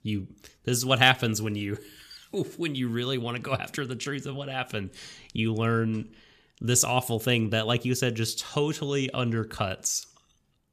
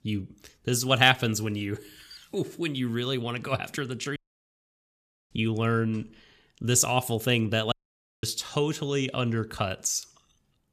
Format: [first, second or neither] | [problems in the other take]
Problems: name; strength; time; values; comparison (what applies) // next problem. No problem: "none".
first | audio cutting out; at 4 s for 1 s and at 7.5 s for 0.5 s